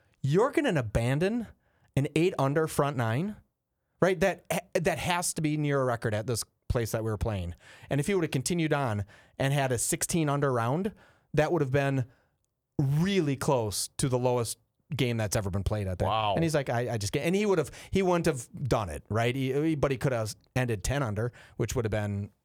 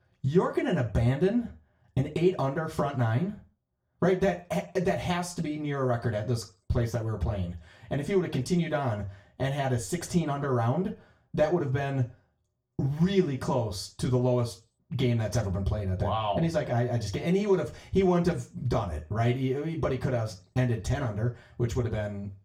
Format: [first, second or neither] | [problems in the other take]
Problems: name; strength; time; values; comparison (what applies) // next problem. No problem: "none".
first | room echo; very slight; dies away in 0.3 s // off-mic speech; far